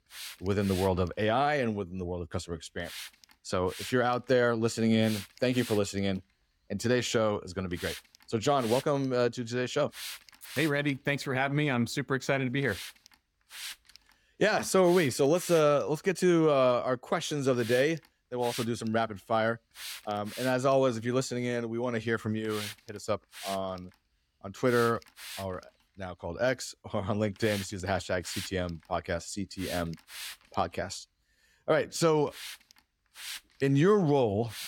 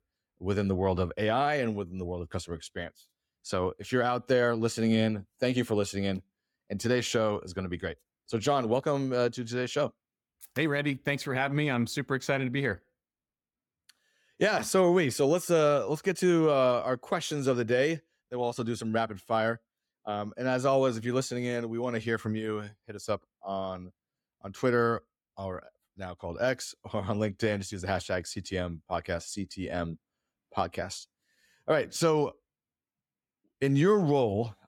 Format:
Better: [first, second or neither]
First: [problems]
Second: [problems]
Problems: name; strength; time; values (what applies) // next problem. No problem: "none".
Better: second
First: hiss; noticeable; throughout; 15 dB below the speech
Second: none